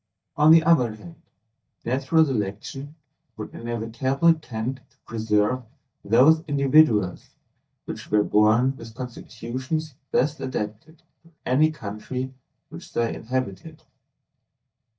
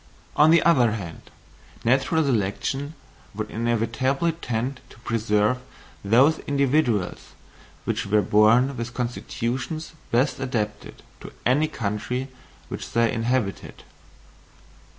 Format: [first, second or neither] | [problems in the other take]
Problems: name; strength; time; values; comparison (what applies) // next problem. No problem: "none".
second | noise reduction (neural mask model DeepFilterNet 3)